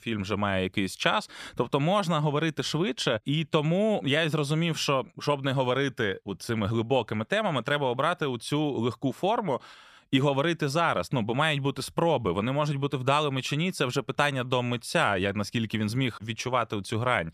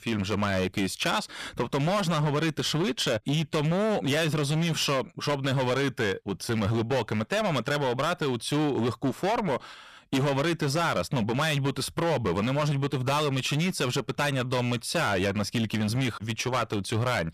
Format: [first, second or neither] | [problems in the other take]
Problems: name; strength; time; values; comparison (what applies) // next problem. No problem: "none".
first | distortion; heavy; 20% of the sound clipped